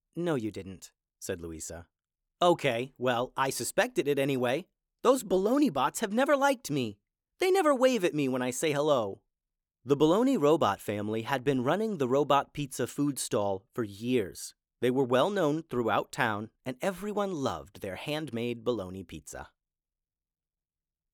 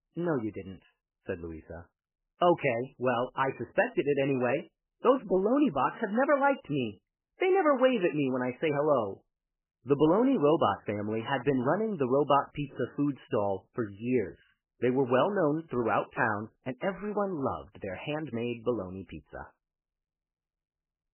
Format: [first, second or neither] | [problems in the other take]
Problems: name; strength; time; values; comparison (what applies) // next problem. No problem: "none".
first | garbled, watery; badly; nothing above 3 kHz